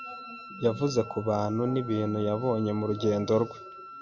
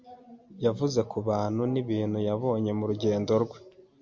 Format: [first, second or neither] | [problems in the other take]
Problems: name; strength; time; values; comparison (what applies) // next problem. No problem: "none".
second | background sound (Wind instrument, woodwind instrument); 15 dB below the speech